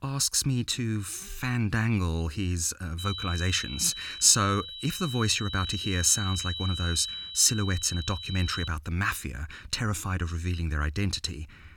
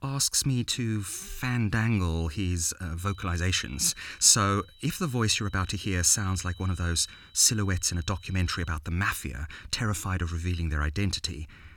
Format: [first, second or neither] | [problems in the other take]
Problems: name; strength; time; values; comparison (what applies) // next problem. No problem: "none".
second | high-pitched whine; loud; from 3 to 8.5 s; 4 kHz, 8 dB below the speech; faint in the second